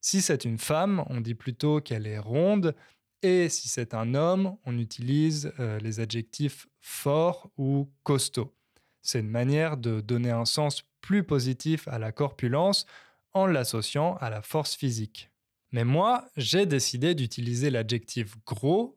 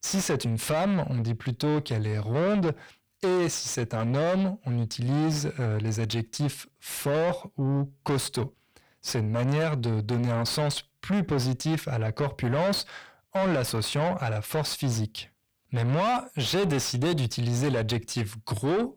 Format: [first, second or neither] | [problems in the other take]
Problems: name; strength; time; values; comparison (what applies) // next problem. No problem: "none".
first | distortion; heavy; 7 dB below the speech